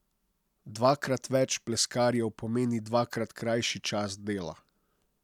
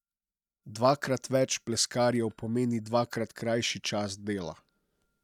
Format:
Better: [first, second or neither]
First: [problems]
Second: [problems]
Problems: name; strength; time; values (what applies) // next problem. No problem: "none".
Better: first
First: none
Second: noise reduction (neural mask model DeepFilterNet 3)